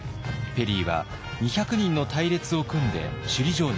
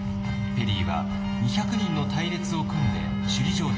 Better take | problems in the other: first | background sound (Wind instrument, woodwind instrument); 1 dB below the speech // room echo; dies away in 2.5 s

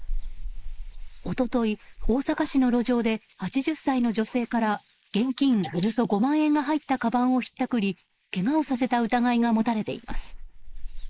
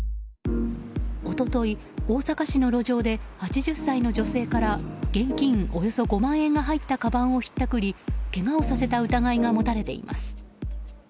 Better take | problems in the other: second | noise reduction (neural mask model Resemble Enhance denoiser)

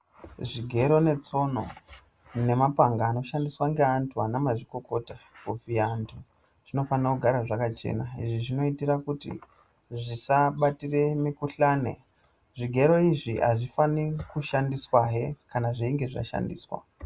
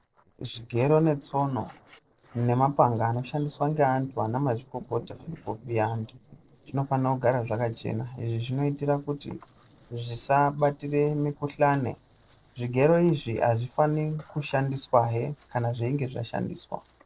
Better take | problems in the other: first | noise reduction (neural separator model SepFormer DNS4)

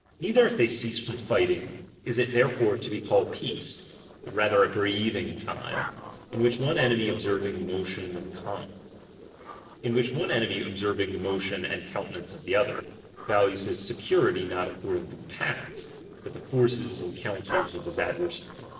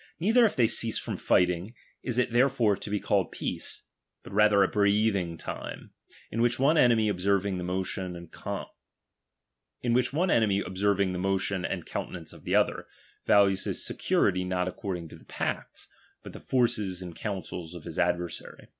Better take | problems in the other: second | noise reduction (neural separator model SepFormer DNS4)

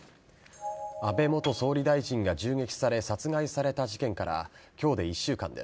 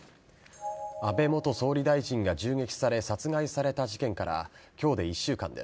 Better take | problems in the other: second | background sound (Piano); 19 dB below the speech

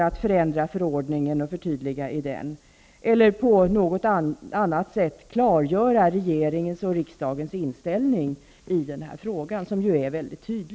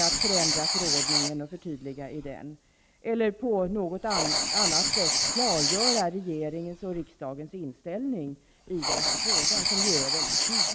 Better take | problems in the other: first | background sound (Writing); 3 dB above the speech

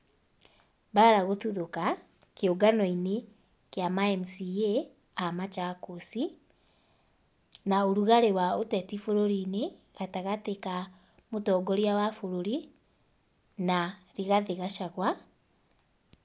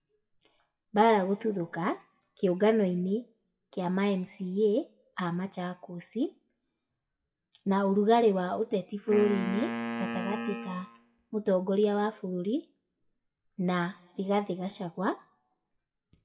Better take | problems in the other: first | noise reduction (classical method WPE with log-MMSE)

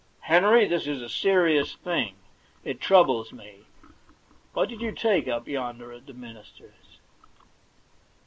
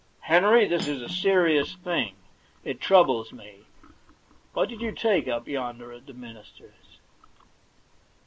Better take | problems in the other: first | background sound (Cutlery, silverware); 17 dB below the speech

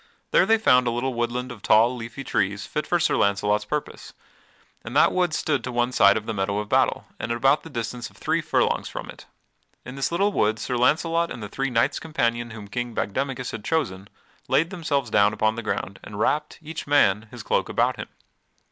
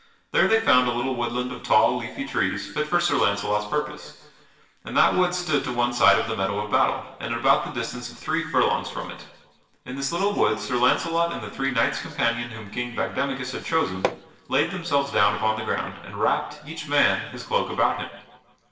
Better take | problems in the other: first | background sound (Hammer); 7 dB below the speech // room echo; dies away in 1 s

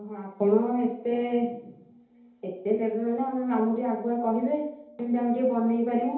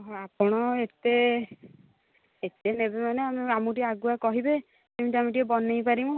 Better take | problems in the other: second | room echo; dies away in 0.8 s

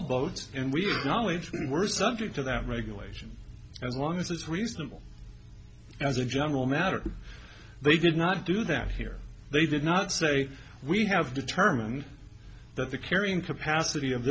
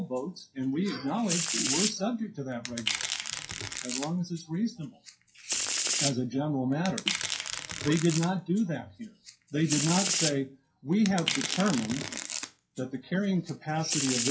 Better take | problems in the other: first | noise reduction (classical method WPE with log-MMSE)

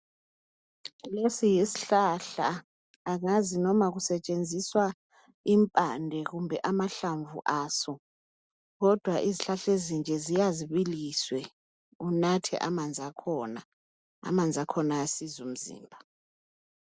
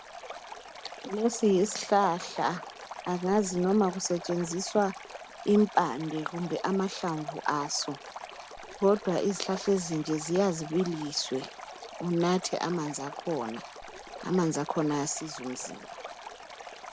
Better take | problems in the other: first | background sound (Stream); 14 dB below the speech

